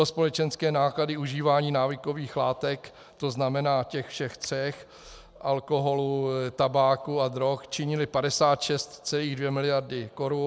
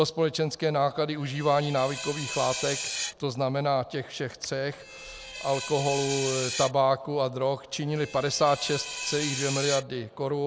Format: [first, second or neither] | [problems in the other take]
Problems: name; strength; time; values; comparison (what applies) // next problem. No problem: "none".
first | background sound (Screech); 9 dB below the speech